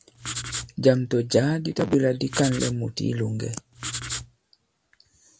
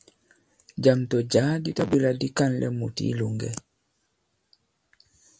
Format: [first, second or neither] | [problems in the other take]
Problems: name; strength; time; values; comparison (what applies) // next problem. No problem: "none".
second | background sound (Writing); 8 dB below the speech